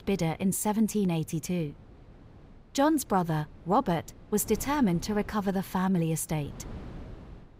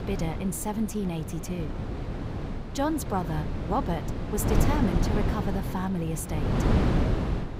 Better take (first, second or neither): first